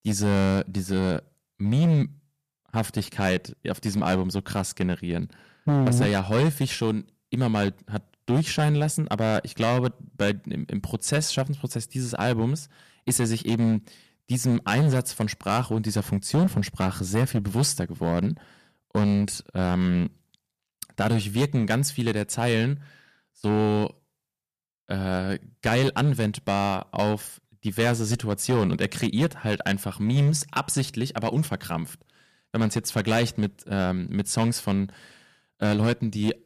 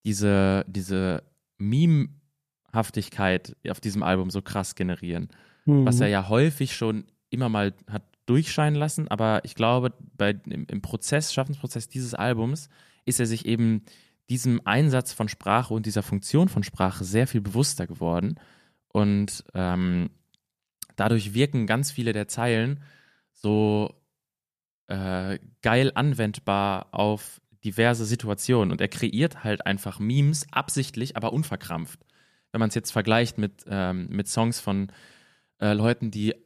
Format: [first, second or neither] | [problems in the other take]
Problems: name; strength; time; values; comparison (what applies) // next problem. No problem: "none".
second | distortion; slight; 6% of the sound clipped